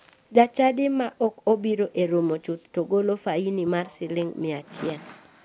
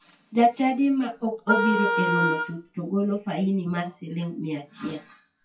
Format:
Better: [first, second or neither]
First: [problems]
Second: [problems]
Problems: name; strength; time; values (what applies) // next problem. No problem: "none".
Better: first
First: none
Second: noise reduction (classical method WPE with log-MMSE)